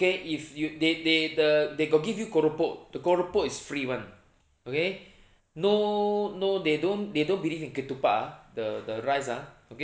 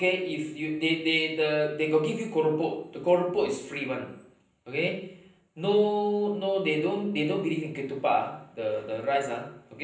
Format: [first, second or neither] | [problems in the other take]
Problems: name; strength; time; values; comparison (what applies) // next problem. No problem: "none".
first | room echo; dies away in 0.6 s